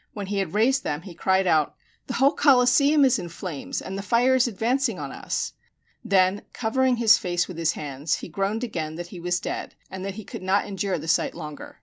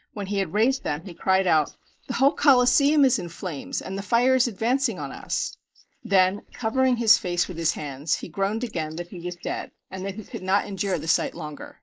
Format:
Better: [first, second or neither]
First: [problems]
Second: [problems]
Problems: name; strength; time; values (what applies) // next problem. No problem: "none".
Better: first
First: none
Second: noise reduction (neural mask model Resemble Enhance denoiser)